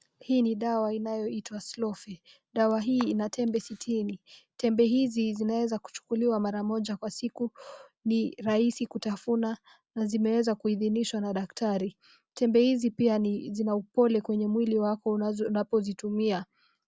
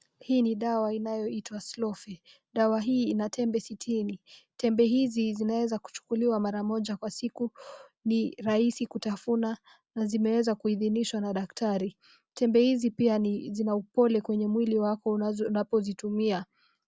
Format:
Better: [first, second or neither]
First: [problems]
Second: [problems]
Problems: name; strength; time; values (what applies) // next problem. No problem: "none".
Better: second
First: background sound (Camera); 20 dB below the speech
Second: none